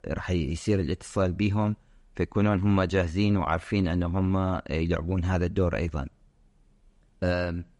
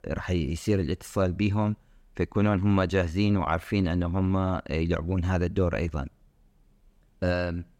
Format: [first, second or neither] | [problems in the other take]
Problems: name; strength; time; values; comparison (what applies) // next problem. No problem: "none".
second | garbled, watery; slightly; nothing above 10.5 kHz